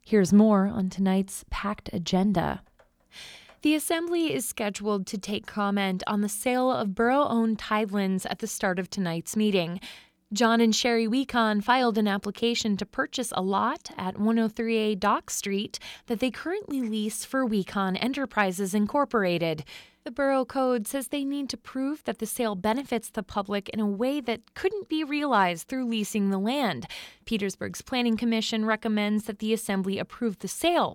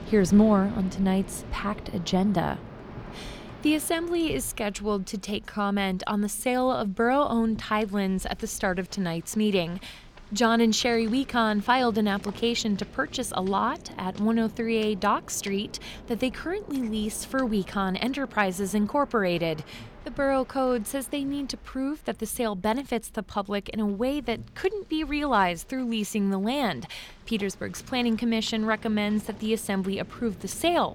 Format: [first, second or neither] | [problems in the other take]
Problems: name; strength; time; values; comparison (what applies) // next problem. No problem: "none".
first | rain or running water; noticeable; throughout; 20 dB below the speech